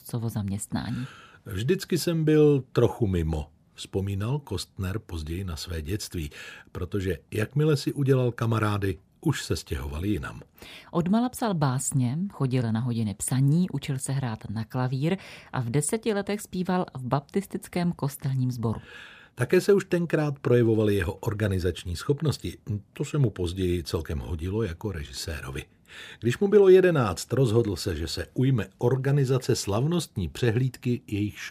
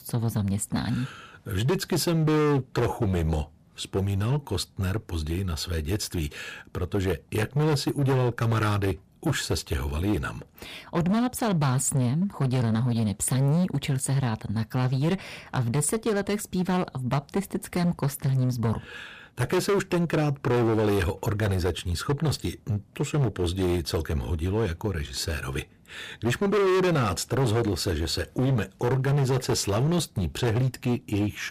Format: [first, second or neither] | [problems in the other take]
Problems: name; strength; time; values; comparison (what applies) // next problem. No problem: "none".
first | distortion; heavy; 15% of the sound clipped